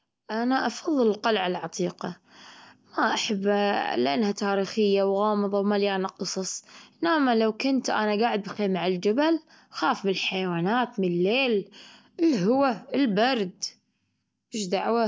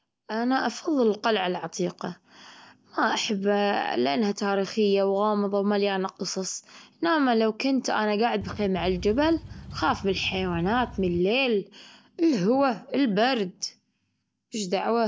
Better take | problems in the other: first | background sound (Boat, Water vehicle); 14 dB below the speech

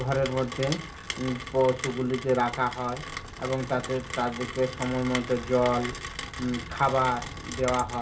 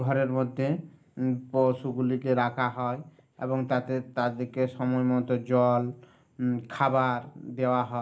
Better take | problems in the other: second | background sound (Rain); 9 dB below the speech // room echo; dies away in 0.2 s

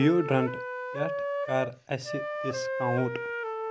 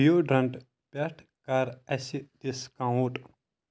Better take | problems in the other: second | background sound (Wind instrument, woodwind instrument); 3 dB below the speech

